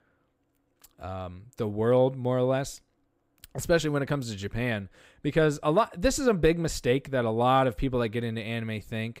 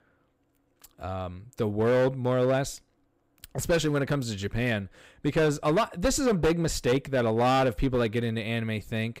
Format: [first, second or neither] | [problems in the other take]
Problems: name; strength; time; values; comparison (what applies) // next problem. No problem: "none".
first | distortion; slight; 7% of the sound clipped